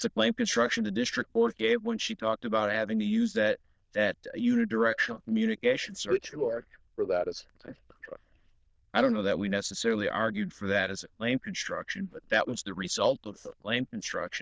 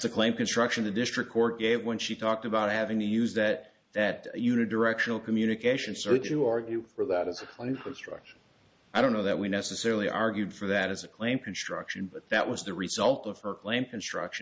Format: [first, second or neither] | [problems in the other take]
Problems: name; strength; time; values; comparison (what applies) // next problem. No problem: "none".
second | noise reduction (neural diffusion model UNIVERSE++)